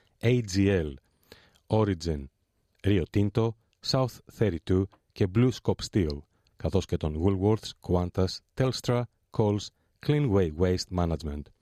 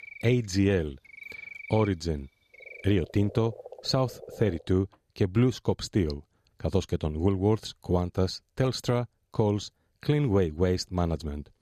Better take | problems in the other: first | animal sounds; noticeable; until 4.5 s; 15 dB below the speech

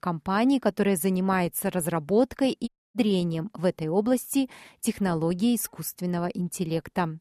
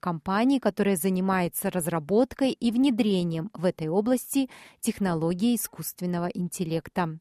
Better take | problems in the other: second | audio cutting out; at 2.5 s

